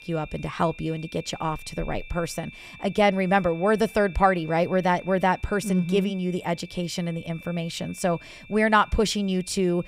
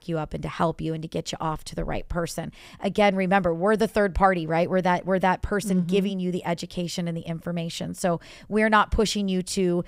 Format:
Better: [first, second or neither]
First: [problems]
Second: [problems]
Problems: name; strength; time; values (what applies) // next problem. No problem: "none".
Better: second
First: high-pitched whine; noticeable; throughout; 2.5 kHz, 20 dB below the speech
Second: none